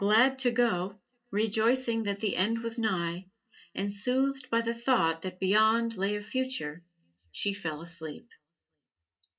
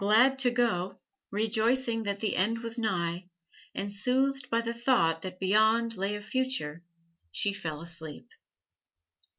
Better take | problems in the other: second | room echo; dies away in 0.3 s

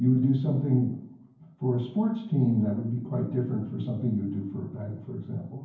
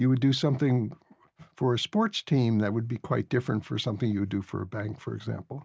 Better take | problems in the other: second | room echo; dies away in 0.9 s

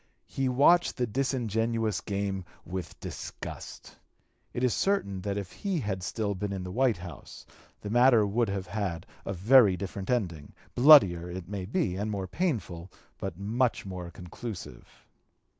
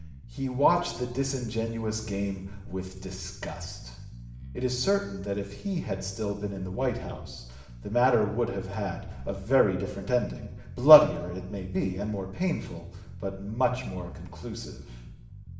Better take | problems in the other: first | background sound (Bass guitar); 15 dB below the speech // room echo; dies away in 0.8 s

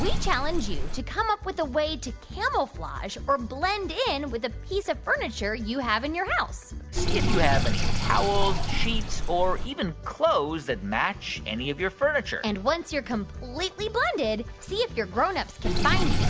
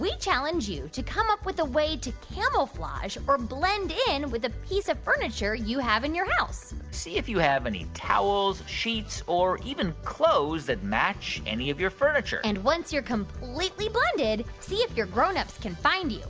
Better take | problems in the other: second | background sound (Sink (filling or washing)); 1 dB below the speech

